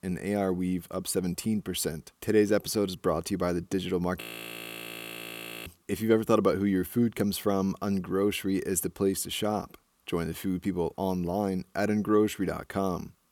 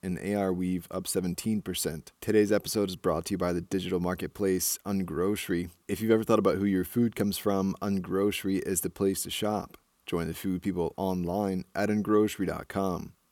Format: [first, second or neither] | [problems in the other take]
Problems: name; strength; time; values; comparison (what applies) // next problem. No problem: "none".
second | audio freezing; at 4 s for 1.5 s